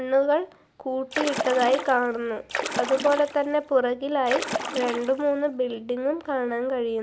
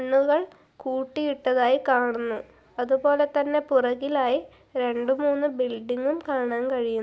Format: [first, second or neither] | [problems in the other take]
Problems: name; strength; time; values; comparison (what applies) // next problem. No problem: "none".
second | background sound (Splash, splatter); 7 dB below the speech